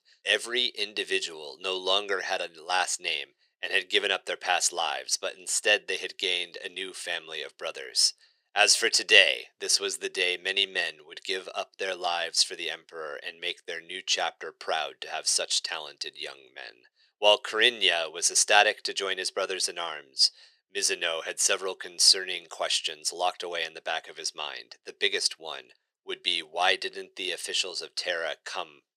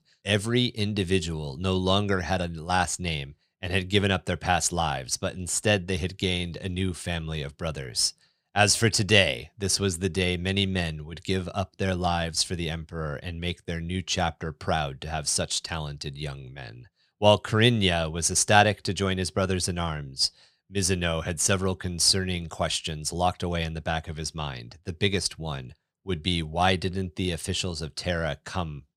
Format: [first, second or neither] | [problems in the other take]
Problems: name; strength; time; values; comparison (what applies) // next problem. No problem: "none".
second | thin; very; fading below 400 Hz